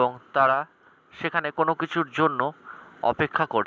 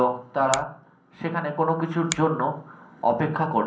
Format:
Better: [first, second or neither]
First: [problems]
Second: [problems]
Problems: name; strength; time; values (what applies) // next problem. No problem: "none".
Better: first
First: none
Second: background sound (Finger snapping); 14 dB below the speech // room echo; dies away in 0.6 s